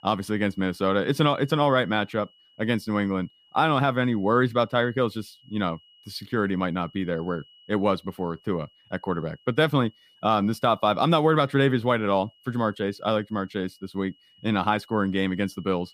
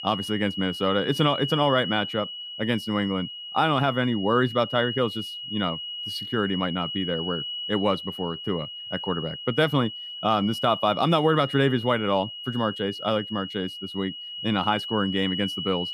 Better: first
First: high-pitched whine; faint; throughout; 3 kHz, 30 dB below the speech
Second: high-pitched whine; loud; throughout; 3 kHz, 7 dB below the speech

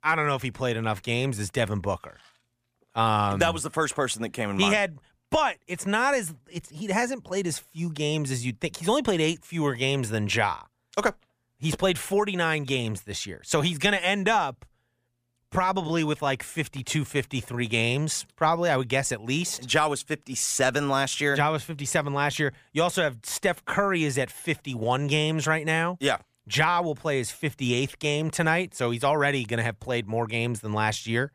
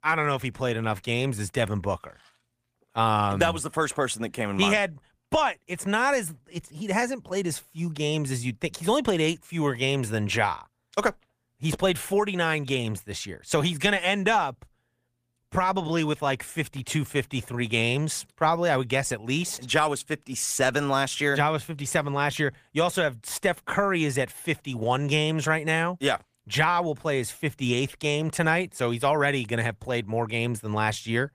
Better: first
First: none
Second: garbled, watery; slightly; nothing above 15 kHz

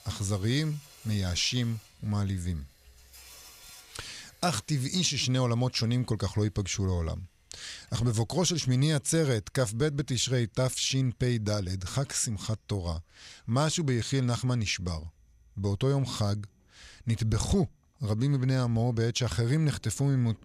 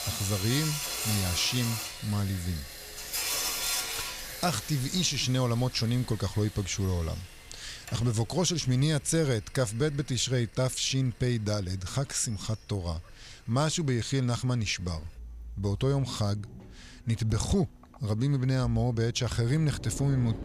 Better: first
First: machinery noise; faint; throughout; 25 dB below the speech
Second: machinery noise; loud; throughout; 6 dB below the speech

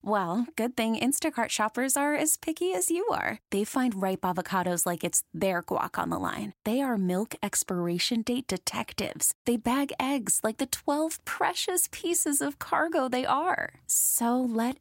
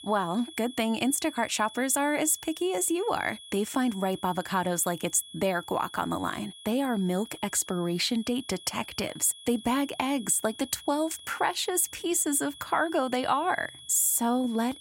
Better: first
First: none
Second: high-pitched whine; noticeable; throughout; 3.5 kHz, 15 dB below the speech

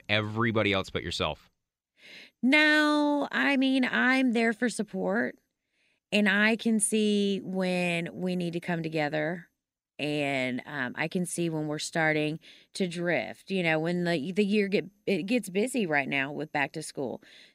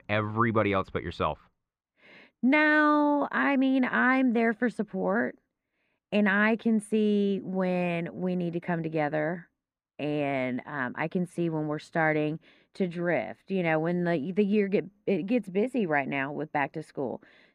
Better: first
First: none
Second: muffled; very; fading above 3 kHz

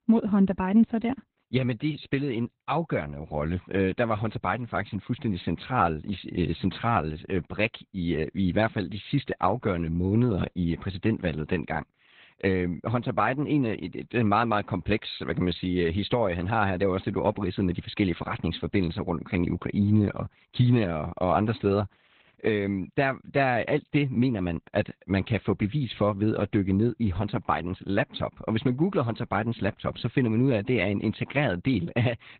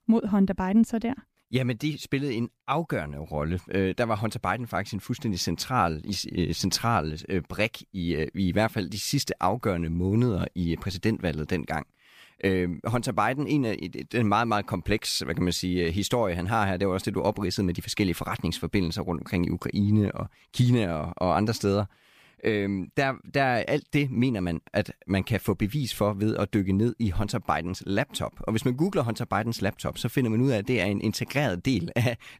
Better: second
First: garbled, watery; badly; nothing above 4 kHz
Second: none

